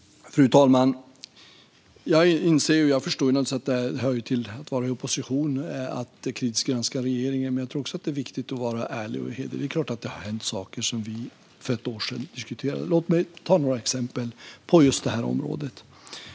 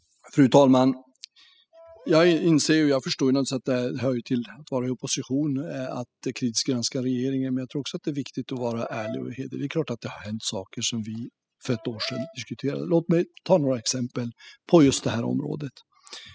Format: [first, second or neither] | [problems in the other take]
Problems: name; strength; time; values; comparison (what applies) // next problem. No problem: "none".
first | noise reduction (classical method spectral subtraction)